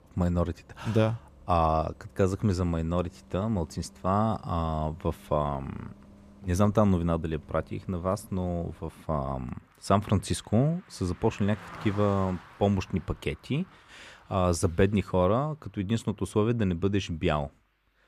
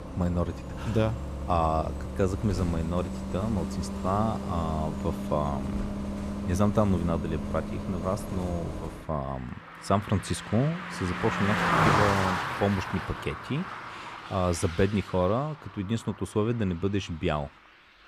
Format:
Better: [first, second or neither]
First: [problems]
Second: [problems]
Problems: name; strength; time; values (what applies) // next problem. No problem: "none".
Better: first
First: traffic noise; faint; throughout; 25 dB below the speech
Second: traffic noise; loud; throughout; 3 dB below the speech